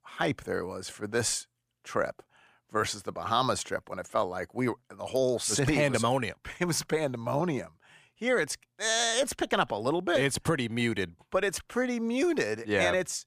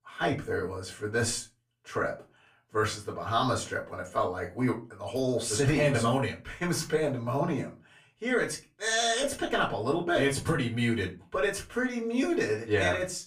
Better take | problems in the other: first | off-mic speech; far // room echo; very slight; dies away in 0.2 s

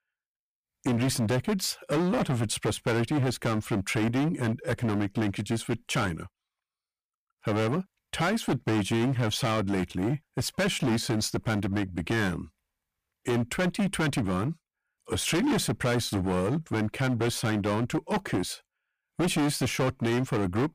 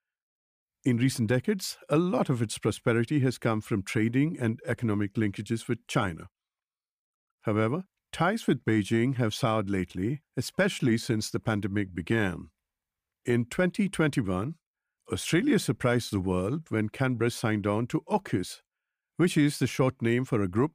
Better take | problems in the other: second | distortion; heavy; 18% of the sound clipped

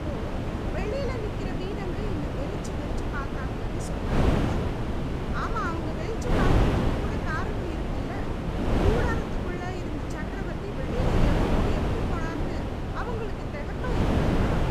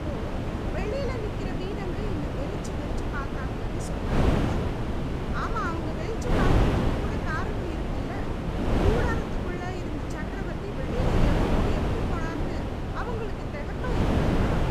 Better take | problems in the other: neither | wind noise on the microphone; heavy; 4 dB above the speech; the same in both

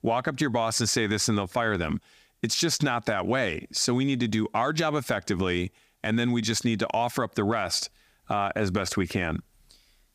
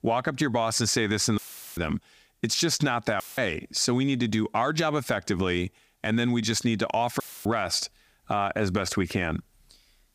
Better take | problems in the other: first | audio cutting out; filled with static; at 1.5 s, at 3 s and at 7 s

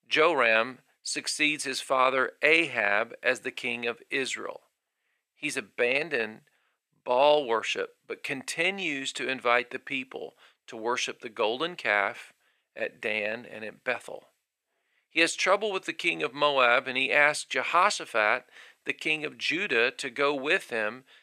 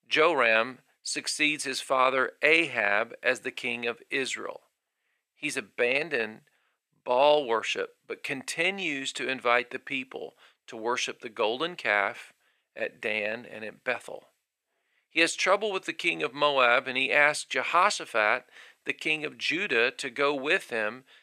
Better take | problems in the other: neither | thin; somewhat; fading below 450 Hz; the same in both

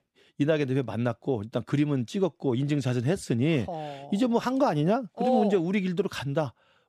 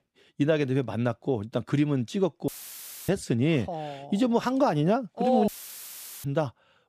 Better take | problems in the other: first | audio cutting out; filled with static; at 2.5 s for 0.5 s and at 5.5 s for 1 s

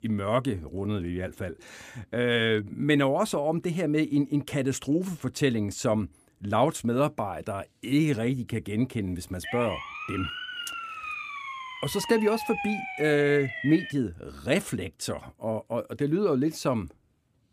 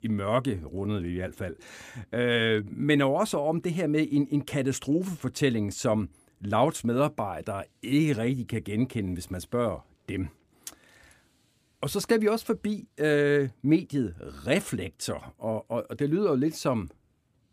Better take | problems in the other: second | siren; noticeable; from 9.5 to 14 s; peak 5 dB below the speech

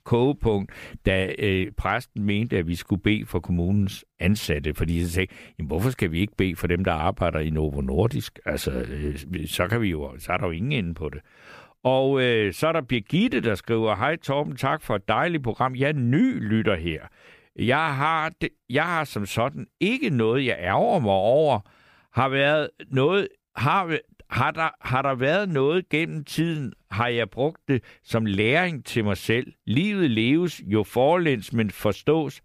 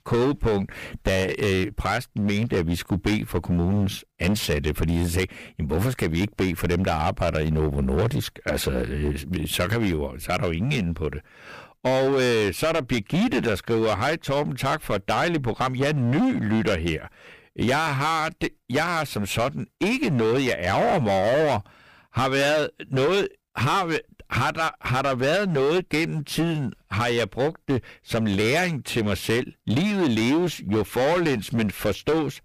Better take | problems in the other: first | distortion; heavy; 18% of the sound clipped

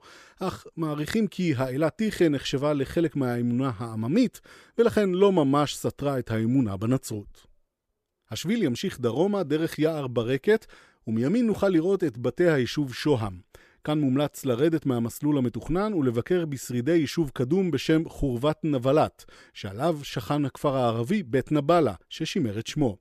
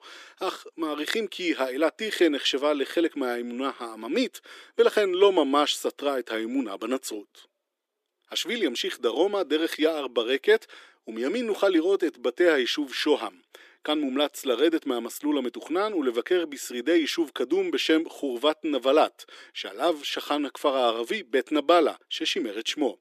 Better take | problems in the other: first | thin; somewhat; fading below 300 Hz

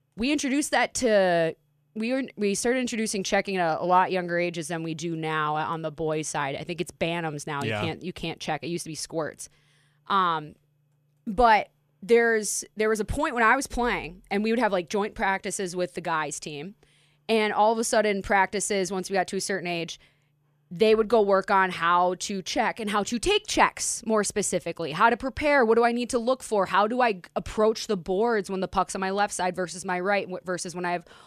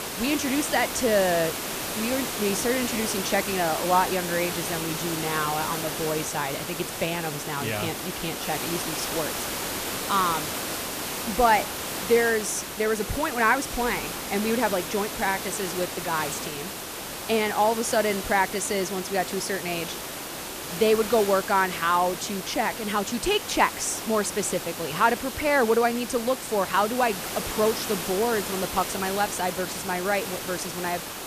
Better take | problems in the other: first | hiss; loud; throughout; 5 dB below the speech

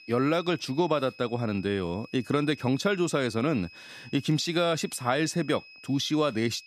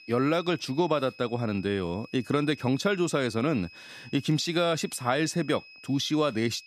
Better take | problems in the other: neither | high-pitched whine; faint; throughout; 2.5 kHz, 20 dB below the speech; the same in both

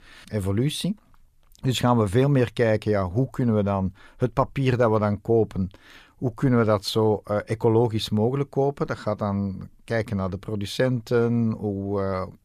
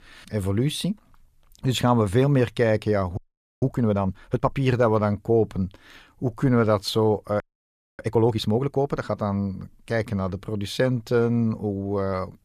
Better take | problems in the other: first | audio freezing; at 3 s and at 7.5 s for 0.5 s

